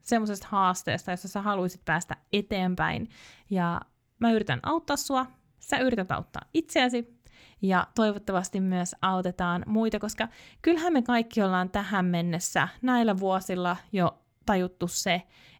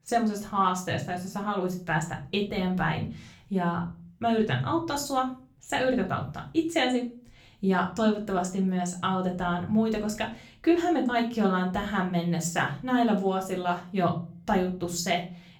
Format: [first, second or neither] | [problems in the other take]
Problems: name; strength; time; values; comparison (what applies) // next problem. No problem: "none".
first | room echo; slight; dies away in 0.4 s // off-mic speech; somewhat distant